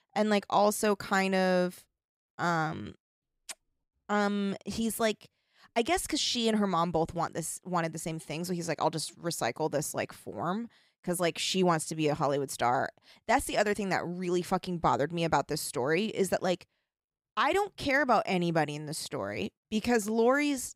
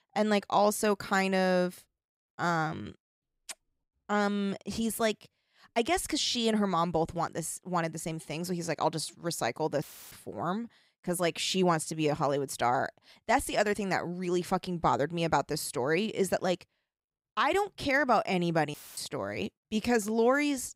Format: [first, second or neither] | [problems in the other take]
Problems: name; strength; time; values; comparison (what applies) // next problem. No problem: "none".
first | audio cutting out; filled with static; at 10 s and at 19 s